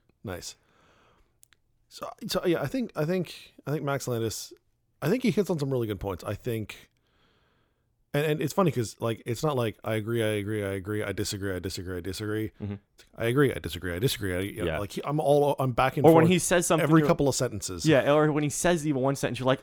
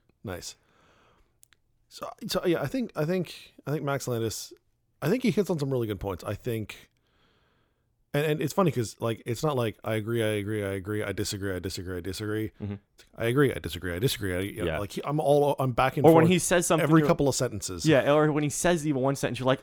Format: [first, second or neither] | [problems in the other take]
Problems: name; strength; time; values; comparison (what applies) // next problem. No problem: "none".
neither | none